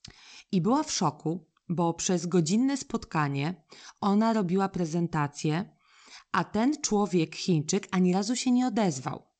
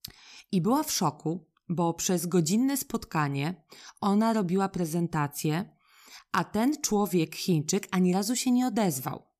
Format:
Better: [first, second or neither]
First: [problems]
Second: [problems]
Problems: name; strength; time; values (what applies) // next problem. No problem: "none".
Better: second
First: garbled, watery; slightly; nothing above 7.5 kHz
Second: none